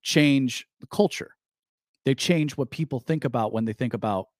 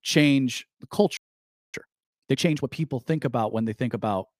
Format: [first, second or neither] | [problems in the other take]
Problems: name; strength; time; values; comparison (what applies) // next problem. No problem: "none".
first | audio freezing; at 1 s for 0.5 s